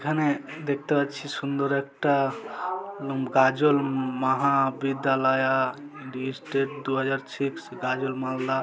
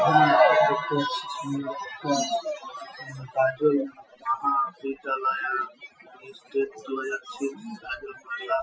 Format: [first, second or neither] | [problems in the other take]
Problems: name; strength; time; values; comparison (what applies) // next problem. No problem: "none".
first | noise reduction (classical method Wiener filter)